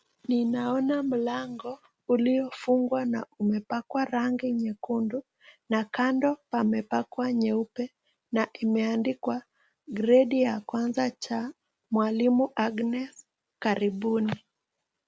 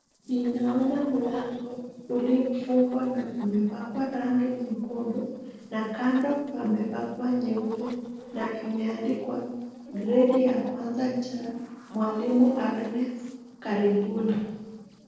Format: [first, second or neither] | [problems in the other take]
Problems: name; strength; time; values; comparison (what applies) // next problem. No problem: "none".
first | noise reduction (neural separator model SepFormer DNS4)